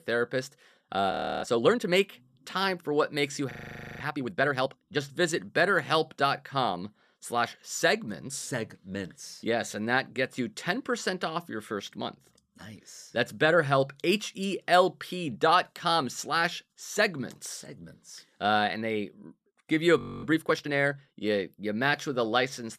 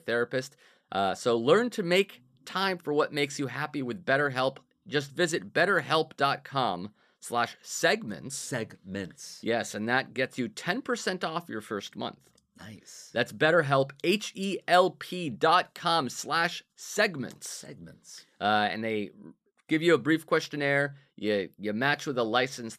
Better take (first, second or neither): second